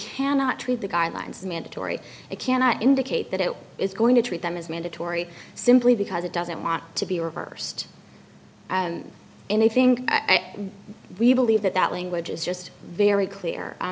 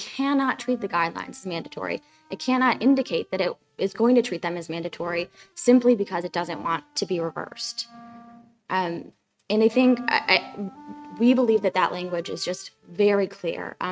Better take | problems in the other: first | noise reduction (neural mask model RNNoise)

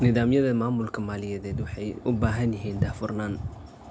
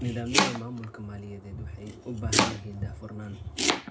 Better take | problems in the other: first | background sound (Domestic sounds, home sounds); 4 dB above the speech // room echo; dies away in 0.2 s

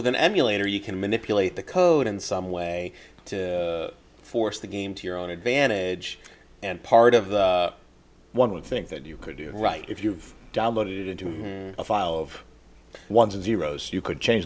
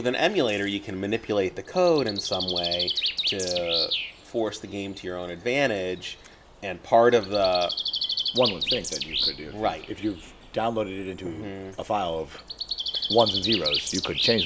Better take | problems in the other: first | background sound (Bird); 5 dB below the speech

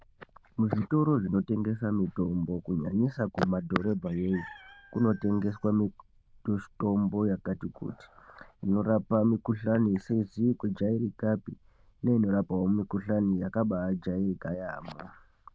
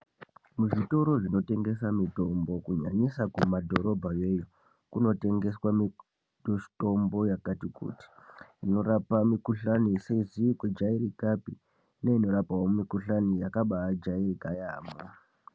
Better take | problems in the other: second | noise reduction (neural diffusion model UNIVERSE++)

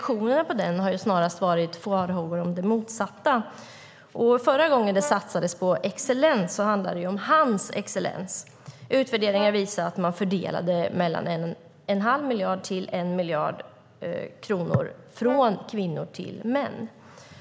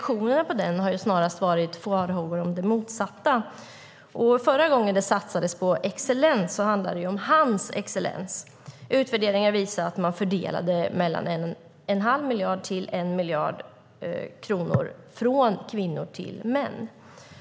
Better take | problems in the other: second | background sound (Brass instrument); 15 dB below the speech

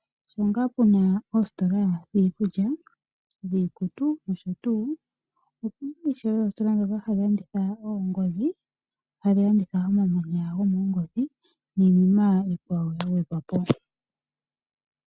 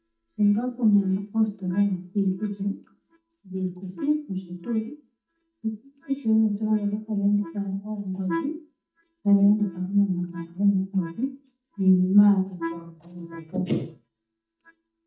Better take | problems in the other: first | noise reduction (neural mask model DeepFilterNet 3)

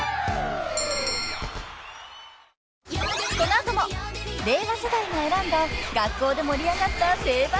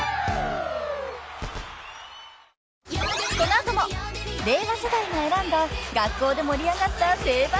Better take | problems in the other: second | background sound (Bell + Mechanisms); 8 dB below the speech

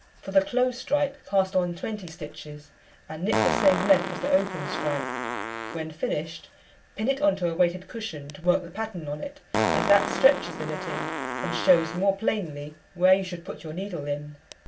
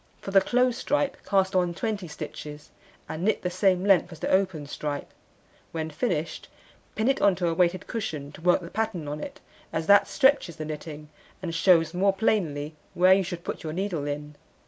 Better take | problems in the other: second | background sound (Fart); 7 dB below the speech // room echo; dies away in 0.2 s

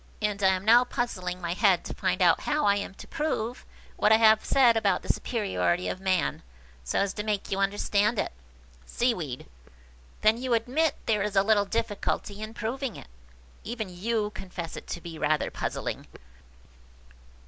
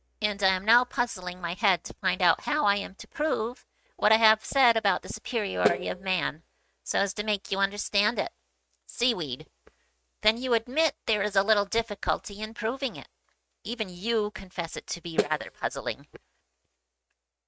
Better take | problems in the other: first | noise reduction (neural mask model RNNoise)

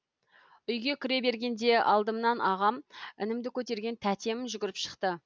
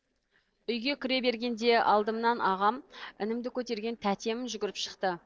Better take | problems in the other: first | noise reduction (neural separator model SepFormer DNS4)

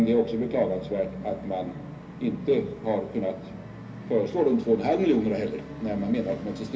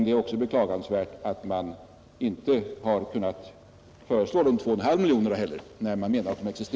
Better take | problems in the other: second | background sound (Musical instrument); 12 dB below the speech // room echo; dies away in 0.3 s

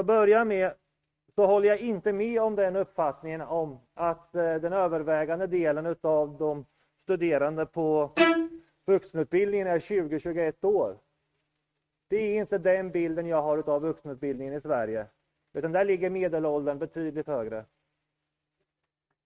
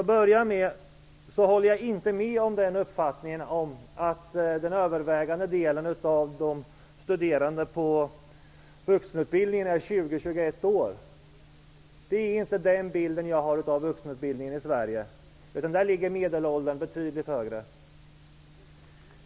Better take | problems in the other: second | noise reduction (neural mask model RNNoise)

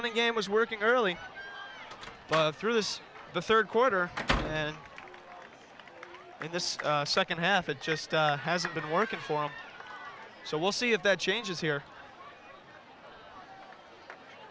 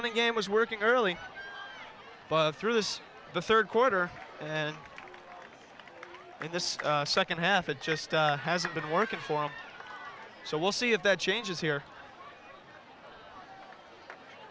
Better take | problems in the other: second | background sound (Slam); 7 dB below the speech

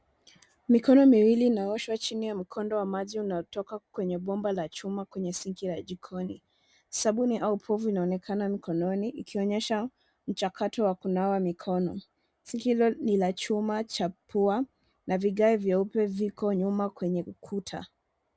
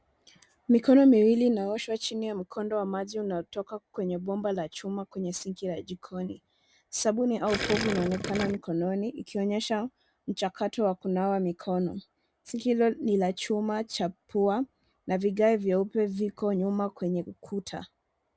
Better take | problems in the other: first | background sound (Gurgling); 4 dB below the speech

